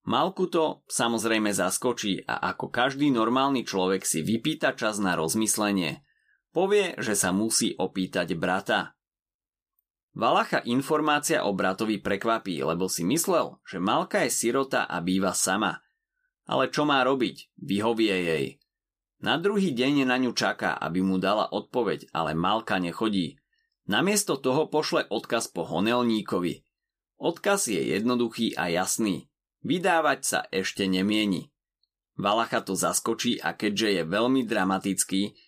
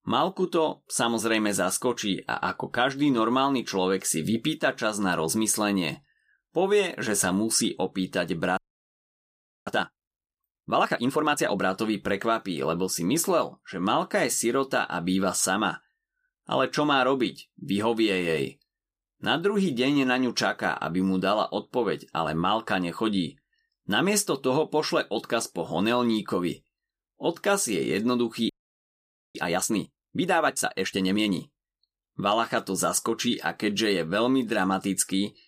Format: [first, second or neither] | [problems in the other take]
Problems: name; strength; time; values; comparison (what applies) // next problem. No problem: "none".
first | audio freezing; at 8.5 s for 1 s and at 28 s for 1 s